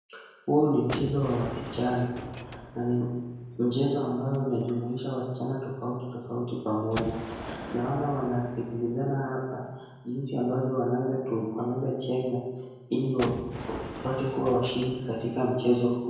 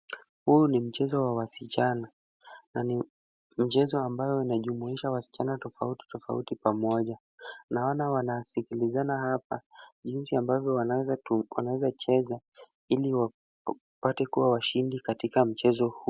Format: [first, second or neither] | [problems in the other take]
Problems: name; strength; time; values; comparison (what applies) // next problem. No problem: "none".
second | background sound (Gunshot, gunfire); 14 dB below the speech // room echo; dies away in 1 s